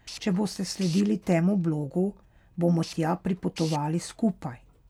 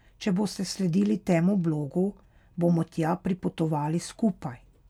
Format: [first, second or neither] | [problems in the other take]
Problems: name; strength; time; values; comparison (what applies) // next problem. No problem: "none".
second | background sound (Tools); 20 dB below the speech